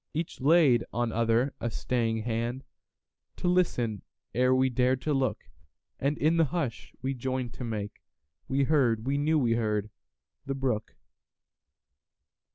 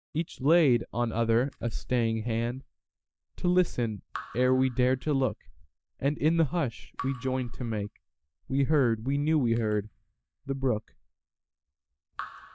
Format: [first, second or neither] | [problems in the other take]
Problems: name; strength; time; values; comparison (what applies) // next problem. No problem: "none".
first | noise reduction (neural mask model DeepFilterNet 3)